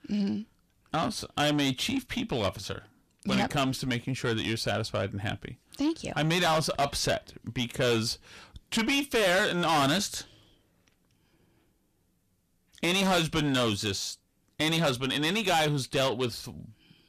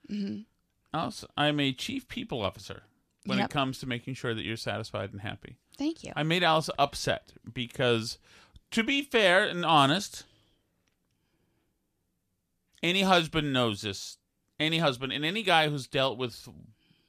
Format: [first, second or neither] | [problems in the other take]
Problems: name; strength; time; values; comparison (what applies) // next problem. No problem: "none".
second | distortion; heavy; 6 dB below the speech